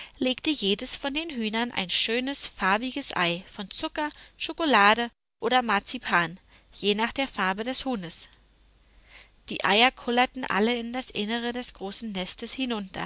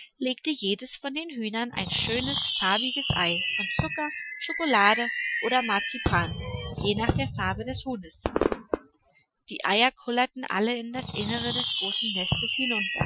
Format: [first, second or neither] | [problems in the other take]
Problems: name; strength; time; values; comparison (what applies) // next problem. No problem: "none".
first | noise reduction (classical method Wiener filter)